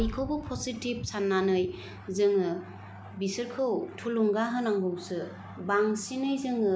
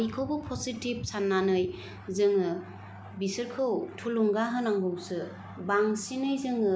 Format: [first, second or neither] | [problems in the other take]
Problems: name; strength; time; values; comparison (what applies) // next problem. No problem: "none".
second | background sound (Bass drum); 18 dB below the speech